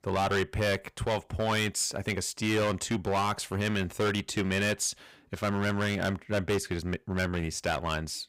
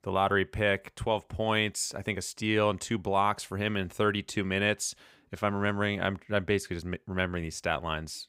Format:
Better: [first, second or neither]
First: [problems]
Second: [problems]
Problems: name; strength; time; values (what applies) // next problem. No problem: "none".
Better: second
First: distortion; heavy; 12% of the sound clipped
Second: none